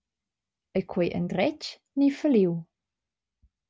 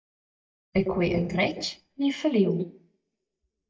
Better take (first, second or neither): first